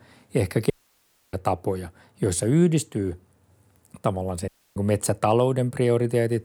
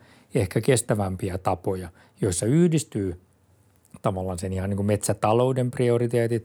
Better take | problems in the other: second | audio cutting out; at 0.5 s for 0.5 s and at 4.5 s

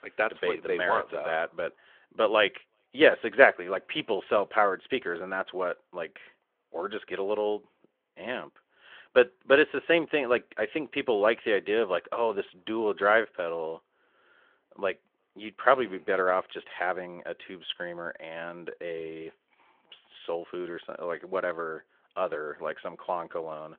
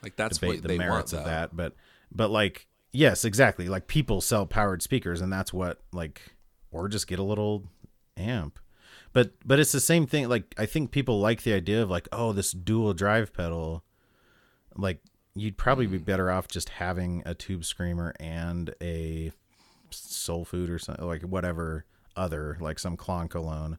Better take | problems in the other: second | phone-call audio

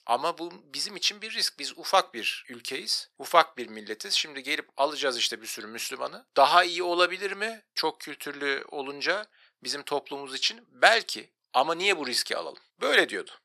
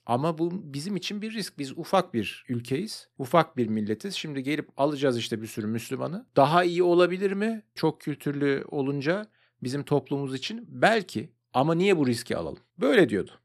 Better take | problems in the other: second | thin; very; fading below 750 Hz

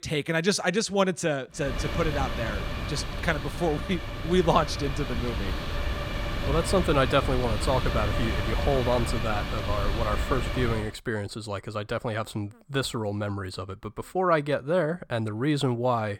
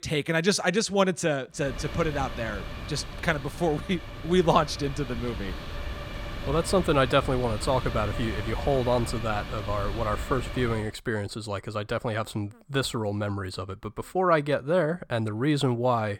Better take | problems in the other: second | wind noise on the microphone; heavy; from 1.5 to 11 s; 5 dB below the speech; occasional gusts in the second

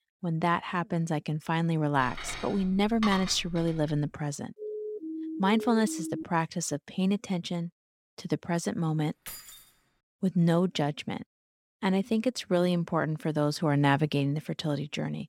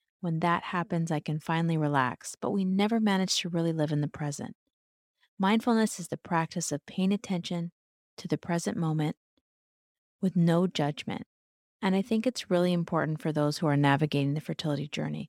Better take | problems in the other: second | clattering dishes; noticeable; from 2 to 4 s; peak 5 dB below the speech // siren; noticeable; from 4.5 to 6 s; peak 8 dB below the speech // jangling keys; faint; at 9.5 s; peak 15 dB below the speech

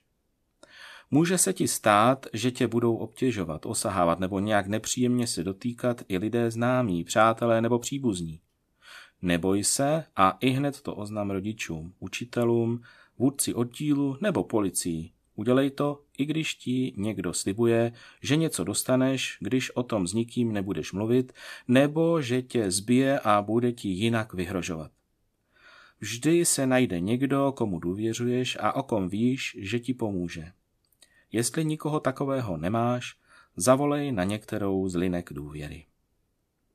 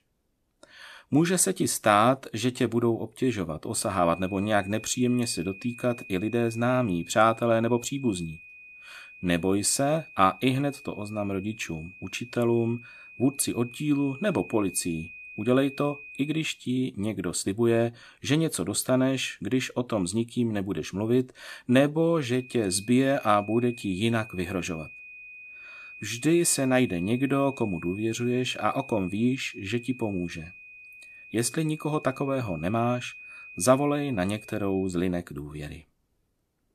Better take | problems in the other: first | high-pitched whine; noticeable; from 4 to 16 s and from 22 to 35 s; 2.5 kHz, 15 dB below the speech

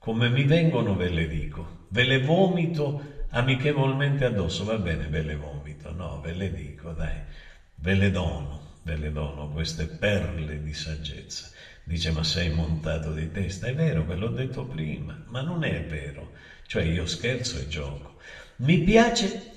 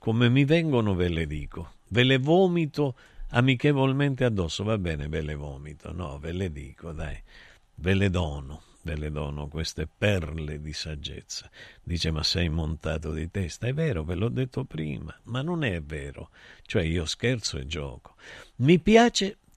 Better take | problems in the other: second | room echo; slight; dies away in 0.7 s // off-mic speech; somewhat distant

